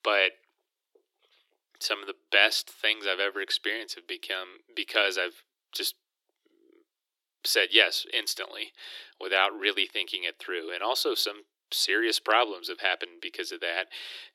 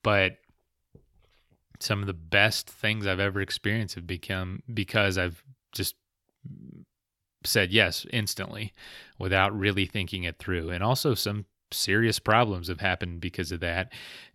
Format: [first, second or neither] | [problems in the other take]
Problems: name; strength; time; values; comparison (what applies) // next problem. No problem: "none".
second | thin; very; fading below 350 Hz